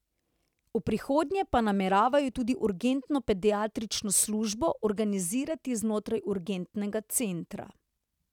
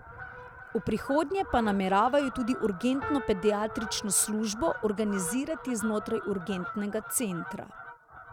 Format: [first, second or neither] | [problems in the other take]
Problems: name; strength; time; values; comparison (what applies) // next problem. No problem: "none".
first | background sound (Fowl + Piano); 12 dB below the speech